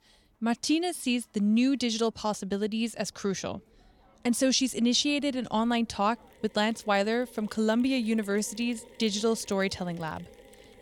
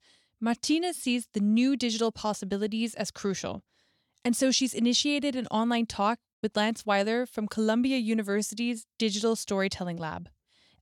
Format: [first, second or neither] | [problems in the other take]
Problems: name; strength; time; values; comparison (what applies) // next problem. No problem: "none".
second | machinery noise; faint; throughout; 25 dB below the speech